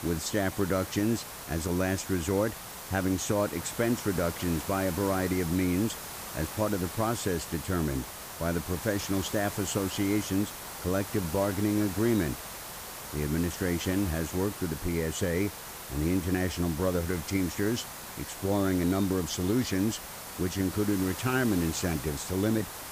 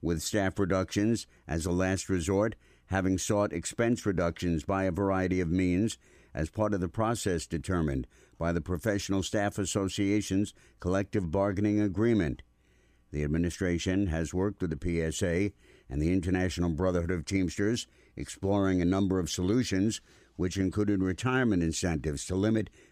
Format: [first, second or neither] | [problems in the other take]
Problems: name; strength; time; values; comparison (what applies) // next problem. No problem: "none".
second | hiss; loud; throughout; 9 dB below the speech